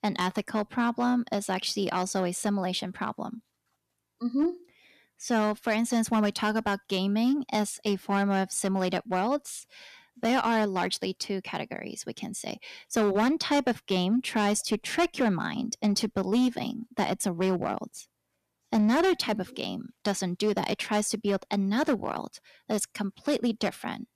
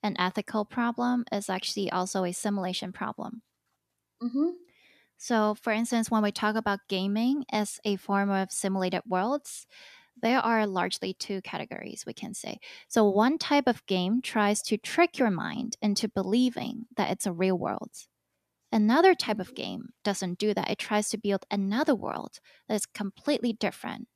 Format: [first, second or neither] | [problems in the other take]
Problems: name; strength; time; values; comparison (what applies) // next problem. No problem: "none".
second | distortion; slight; 5% of the sound clipped